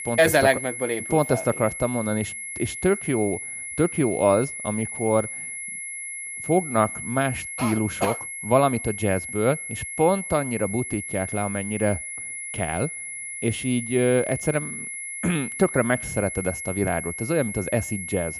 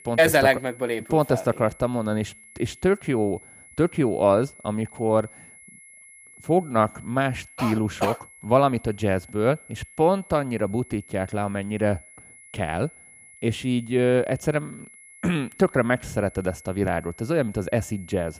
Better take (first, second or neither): second